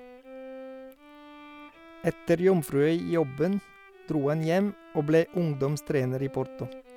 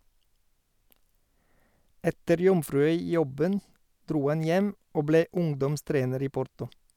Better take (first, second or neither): second